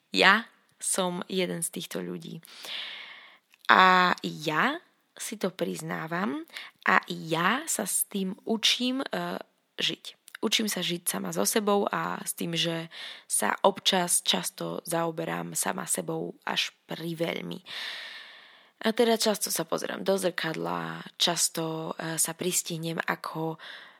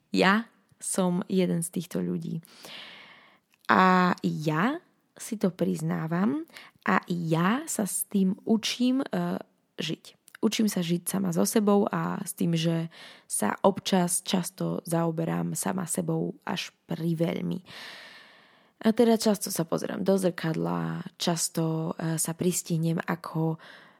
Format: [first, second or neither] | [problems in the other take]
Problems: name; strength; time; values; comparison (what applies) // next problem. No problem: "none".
second | thin; somewhat; fading below 1 kHz